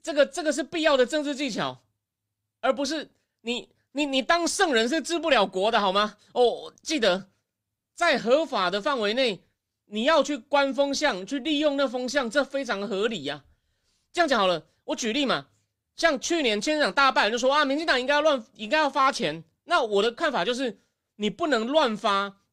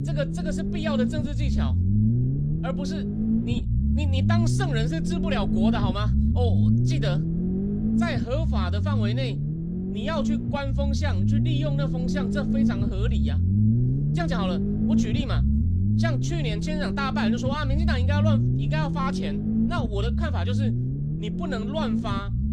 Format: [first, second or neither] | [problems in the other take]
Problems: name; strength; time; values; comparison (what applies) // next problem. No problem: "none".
first | low rumble; loud; throughout; 1 dB below the speech